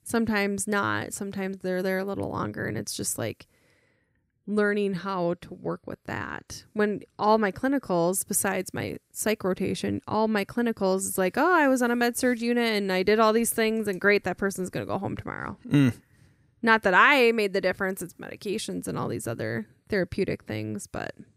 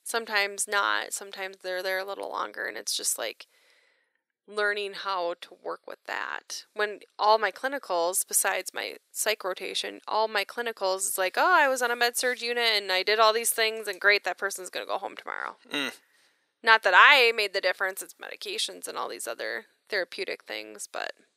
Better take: first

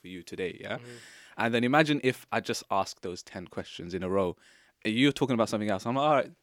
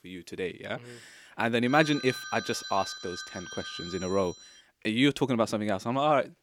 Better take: first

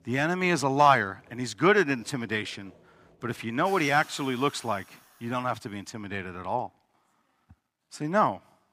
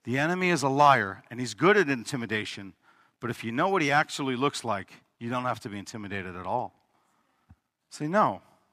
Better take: second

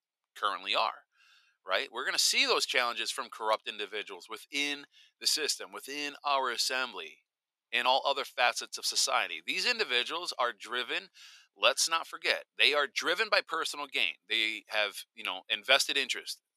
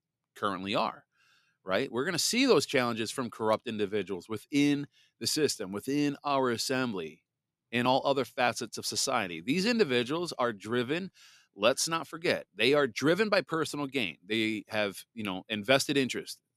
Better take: second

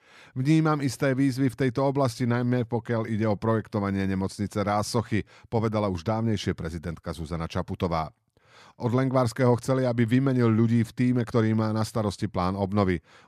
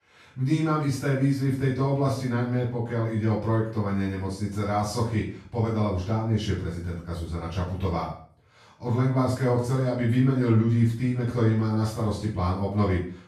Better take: first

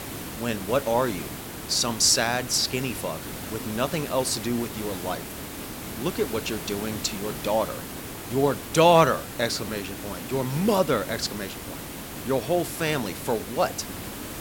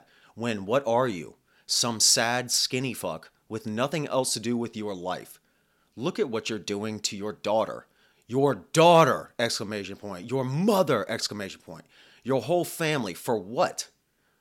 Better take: second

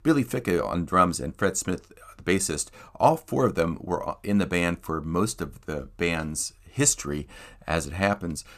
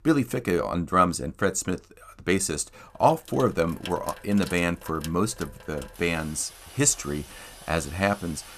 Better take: first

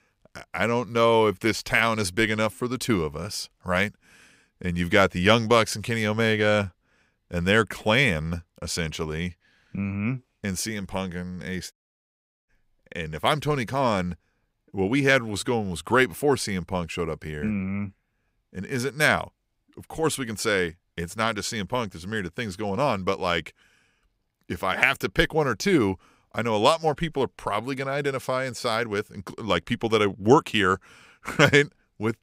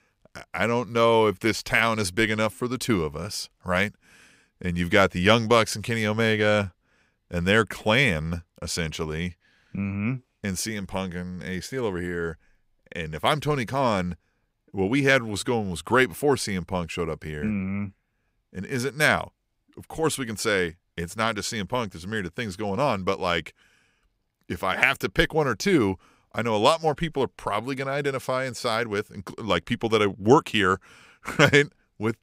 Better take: second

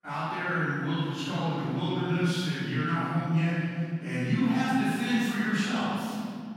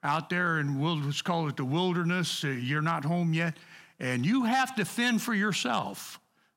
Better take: second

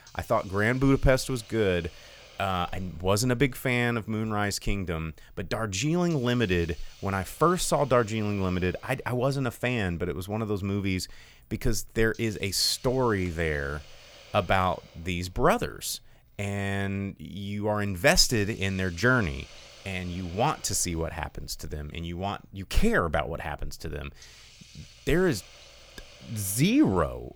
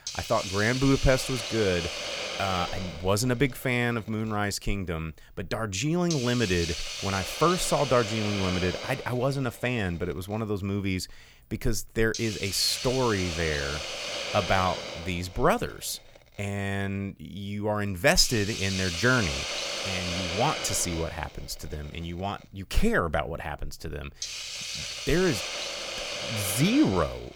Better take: first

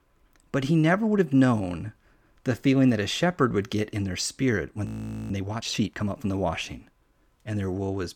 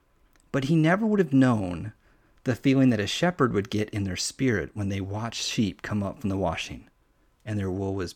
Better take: second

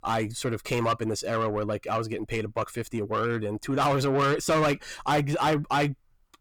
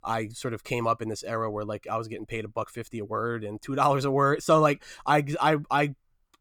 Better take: second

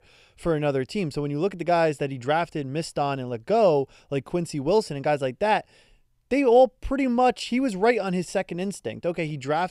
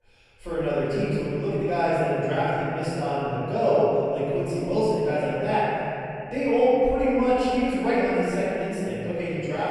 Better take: first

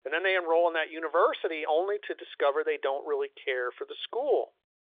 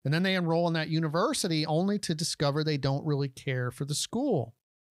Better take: second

